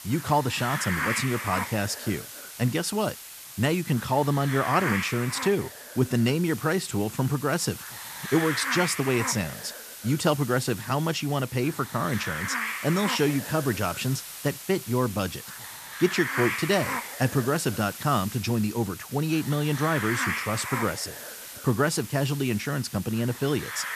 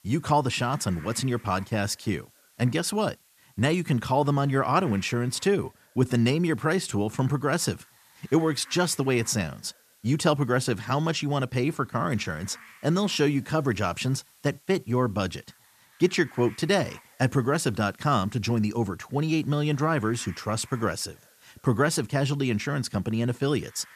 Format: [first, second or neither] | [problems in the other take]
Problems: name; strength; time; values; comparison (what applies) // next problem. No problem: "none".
second | hiss; loud; throughout; 7 dB below the speech; faint in the second